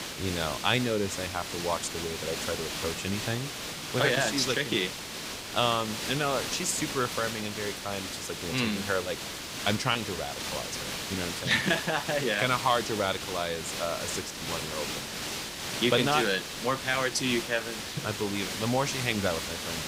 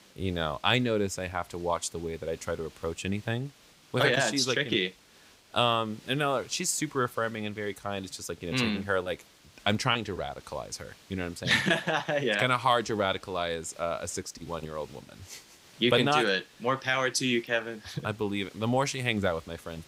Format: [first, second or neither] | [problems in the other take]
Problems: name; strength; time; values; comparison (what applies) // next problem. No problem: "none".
second | hiss; loud; throughout; 4 dB below the speech; faint in the second